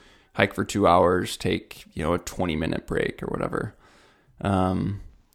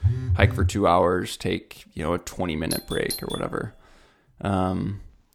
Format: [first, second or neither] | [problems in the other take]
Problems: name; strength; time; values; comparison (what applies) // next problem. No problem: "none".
first | phone ringing; loud; at the start; peak 3 dB above the speech // doorbell; noticeable; at 2.5 s; peak 6 dB below the speech